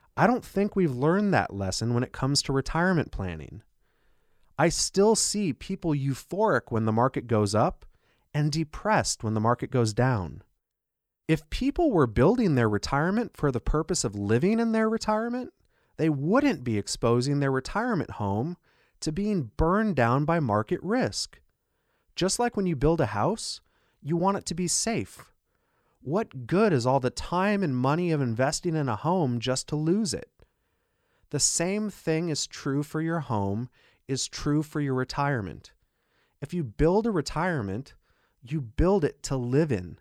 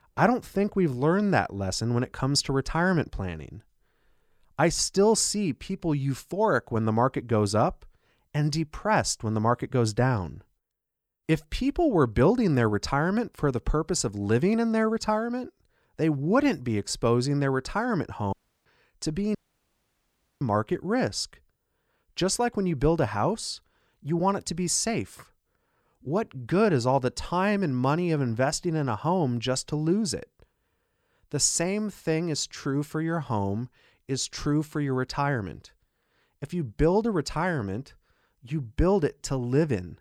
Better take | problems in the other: first | audio cutting out; at 18 s and at 19 s for 1 s

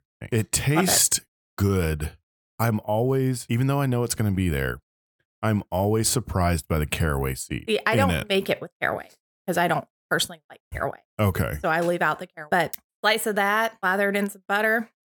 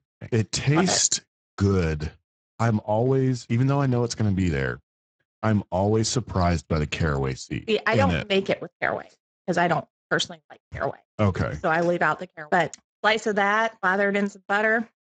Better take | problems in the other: first | garbled, watery; badly; nothing above 7.5 kHz

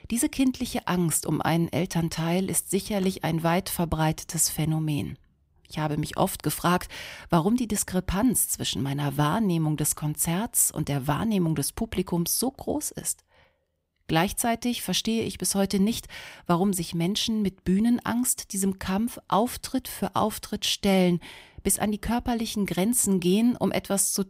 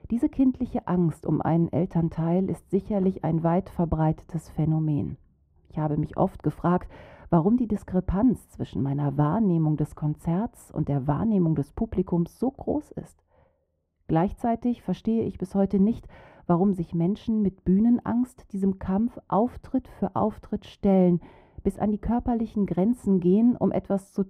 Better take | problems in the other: first | muffled; very; fading above 2 kHz

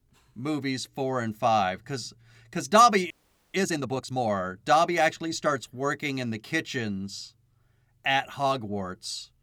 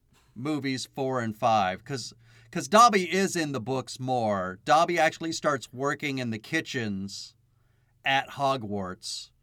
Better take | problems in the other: second | audio freezing; at 3 s

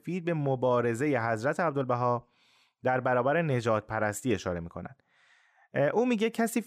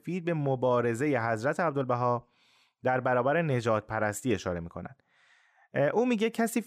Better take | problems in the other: neither | none

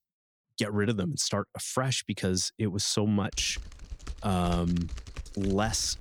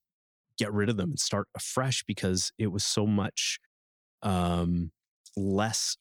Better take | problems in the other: second | keyboard typing; faint; from 3.5 s on; peak 10 dB below the speech

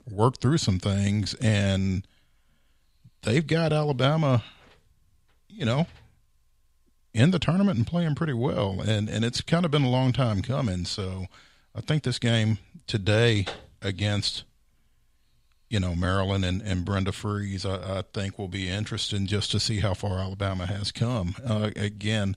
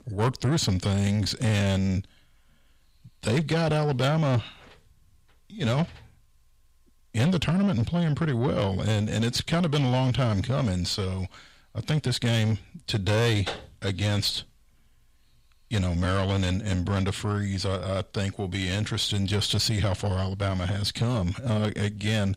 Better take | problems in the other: first | distortion; slight; 10 dB below the speech

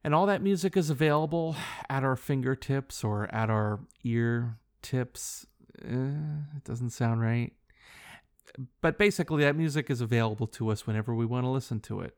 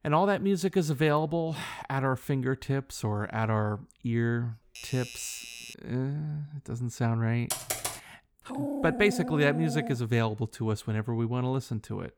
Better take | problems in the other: first | doorbell; faint; from 4.5 to 5.5 s; peak 10 dB below the speech // keyboard typing; noticeable; at 7.5 s; peak 2 dB below the speech // dog barking; noticeable; from 8.5 to 10 s; peak 4 dB below the speech

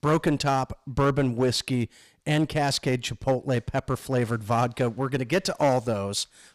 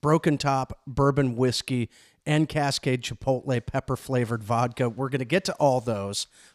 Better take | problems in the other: second | distortion; slight; 6% of the sound clipped

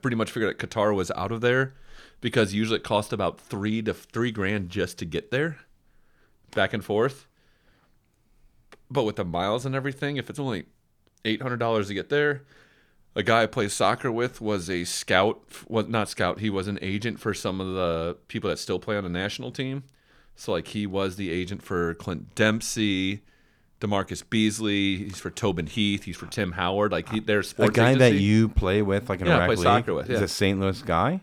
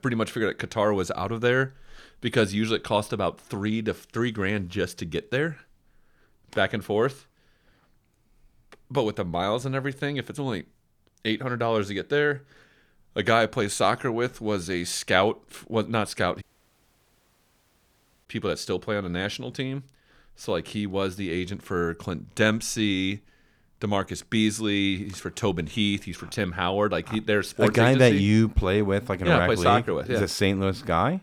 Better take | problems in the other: first | audio cutting out; at 16 s for 2 s

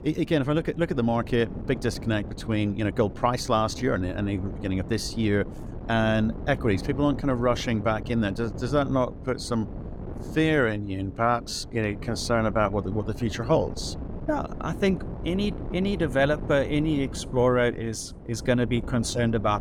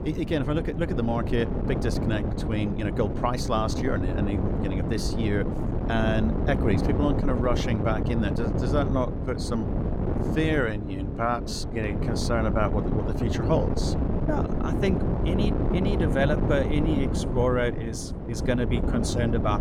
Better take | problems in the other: first | wind noise on the microphone; heavy; 4 dB below the speech; occasional gusts in the first

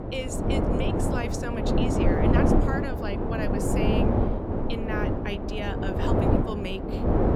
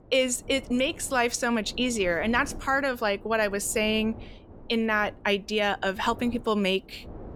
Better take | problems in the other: second | wind noise on the microphone; heavy; 5 dB above the speech; occasional gusts in the second

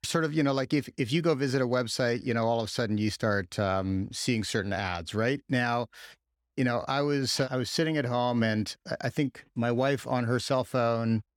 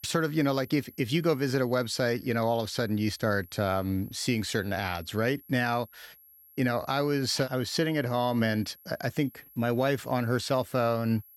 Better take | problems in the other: first | high-pitched whine; faint; throughout; 11.5 kHz, 25 dB below the speech

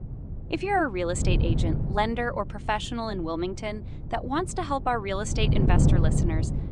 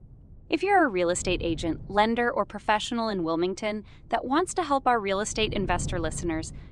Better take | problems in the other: second | wind noise on the microphone; heavy; 8 dB below the speech; occasional gusts in the second

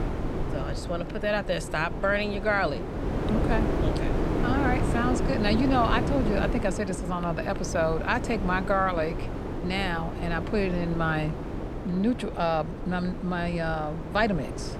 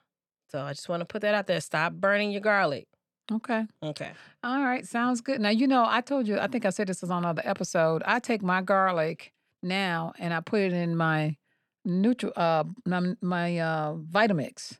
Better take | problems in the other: second | wind noise on the microphone; heavy; 7 dB below the speech

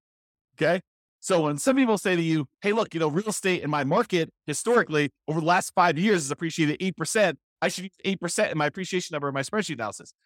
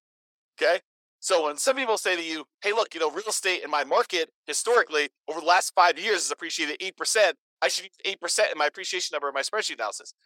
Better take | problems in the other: first | thin; very; fading below 450 Hz

